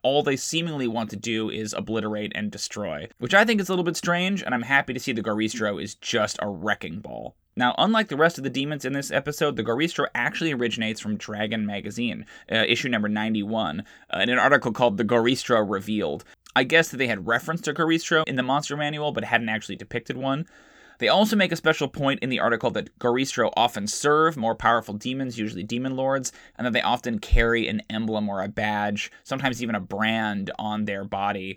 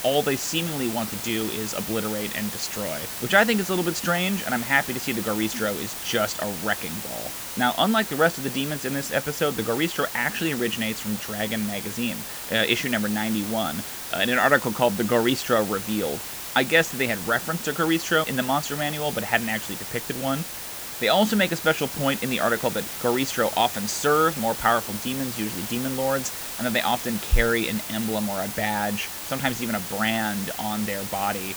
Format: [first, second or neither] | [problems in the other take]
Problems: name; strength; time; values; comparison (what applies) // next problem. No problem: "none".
first | hiss; loud; throughout; 6 dB below the speech